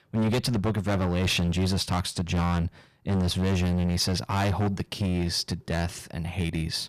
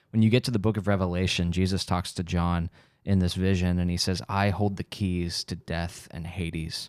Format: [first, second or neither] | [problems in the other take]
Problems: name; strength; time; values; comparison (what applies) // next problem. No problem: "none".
second | distortion; heavy; 18% of the sound clipped